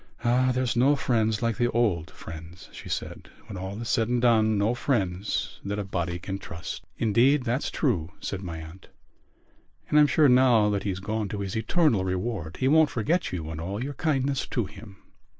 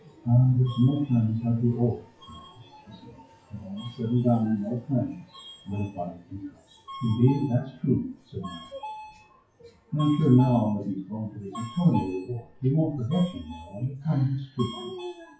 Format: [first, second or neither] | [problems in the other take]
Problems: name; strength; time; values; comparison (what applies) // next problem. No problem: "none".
first | noise reduction (classical method WPE with log-MMSE)